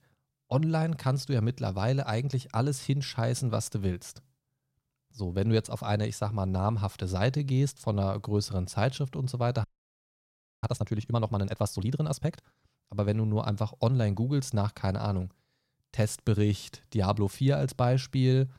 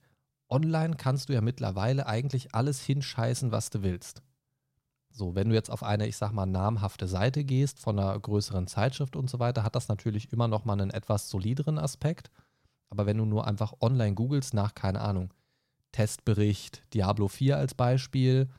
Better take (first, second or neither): second